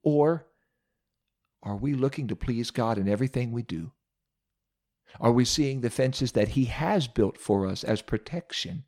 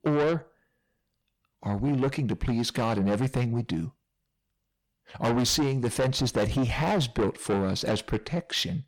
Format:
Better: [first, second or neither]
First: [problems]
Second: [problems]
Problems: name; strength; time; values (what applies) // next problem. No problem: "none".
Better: first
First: none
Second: distortion; heavy; 6 dB below the speech